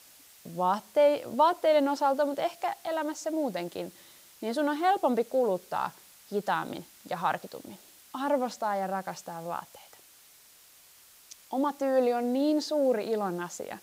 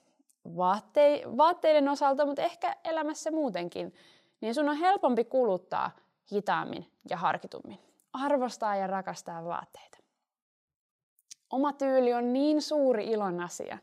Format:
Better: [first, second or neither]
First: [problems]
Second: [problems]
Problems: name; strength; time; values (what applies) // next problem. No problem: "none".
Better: second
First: hiss; faint; throughout; 25 dB below the speech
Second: none